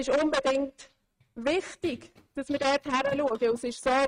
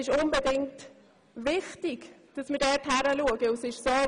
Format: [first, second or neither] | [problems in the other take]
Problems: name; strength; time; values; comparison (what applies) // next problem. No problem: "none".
second | noise reduction (neural mask model RNNoise)